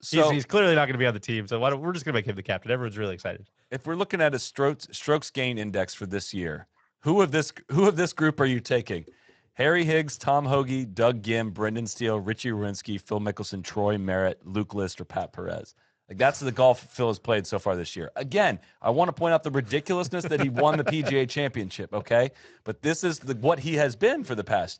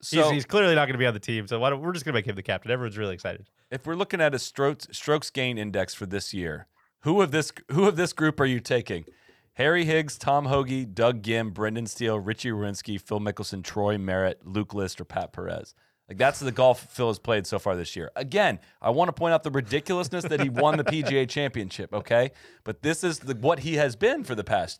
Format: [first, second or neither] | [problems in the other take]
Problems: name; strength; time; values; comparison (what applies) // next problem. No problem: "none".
second | garbled, watery; slightly; nothing above 7.5 kHz